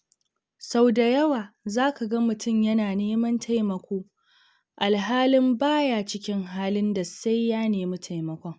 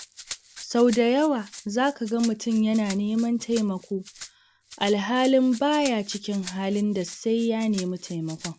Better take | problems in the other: first | background sound (Rattle (instrument)); 18 dB below the speech

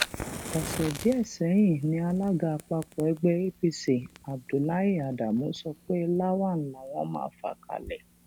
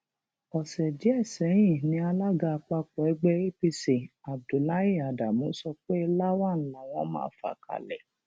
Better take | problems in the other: second | background sound (Fire); 14 dB below the speech

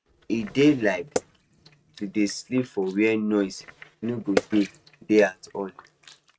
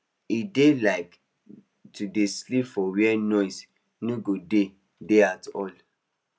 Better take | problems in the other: second | noise reduction (neural mask model RNNoise)

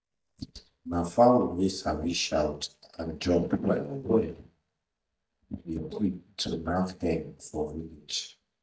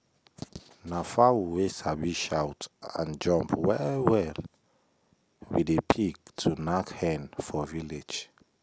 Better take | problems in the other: second | noise reduction (neural mask model DeepFilterNet 3)

